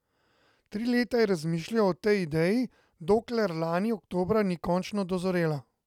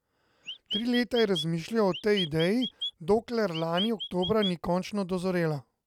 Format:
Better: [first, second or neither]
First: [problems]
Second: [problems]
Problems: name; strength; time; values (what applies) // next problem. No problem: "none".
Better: first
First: none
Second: background sound (Chirp, tweet); 8 dB below the speech